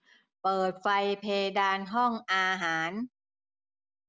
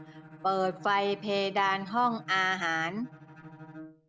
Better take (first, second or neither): first